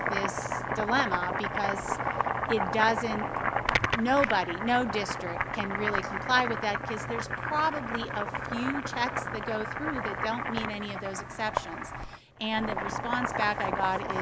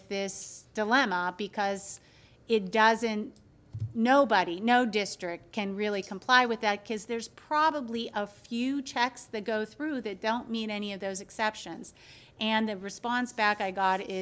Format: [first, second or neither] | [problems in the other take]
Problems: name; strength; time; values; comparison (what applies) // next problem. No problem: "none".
second | background sound (Boiling); 1 dB below the speech